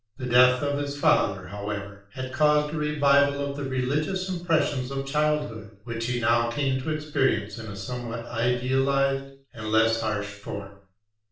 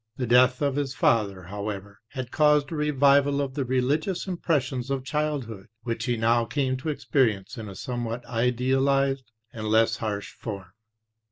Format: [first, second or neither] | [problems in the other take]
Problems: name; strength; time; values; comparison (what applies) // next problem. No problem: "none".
second | room echo; dies away in 0.5 s